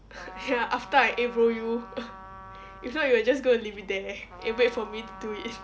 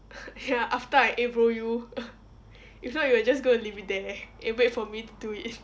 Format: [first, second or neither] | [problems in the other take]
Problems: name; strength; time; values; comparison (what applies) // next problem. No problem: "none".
second | background sound (Trumpet); 17 dB below the speech